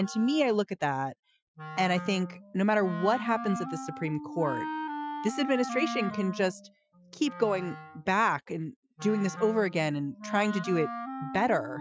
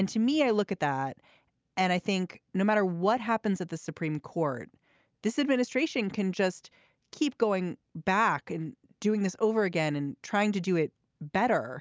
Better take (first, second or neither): second